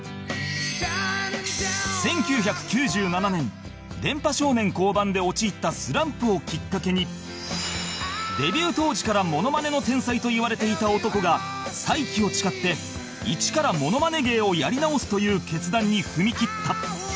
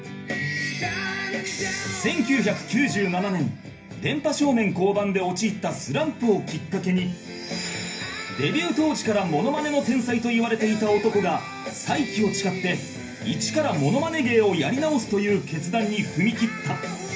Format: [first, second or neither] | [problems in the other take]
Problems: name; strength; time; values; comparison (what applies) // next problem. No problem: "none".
first | room echo; dies away in 0.3 s